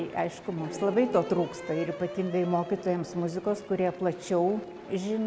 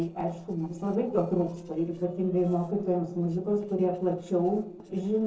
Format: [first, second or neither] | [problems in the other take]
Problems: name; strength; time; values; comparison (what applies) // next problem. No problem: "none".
first | noise reduction (neural separator model SepFormer DNS4)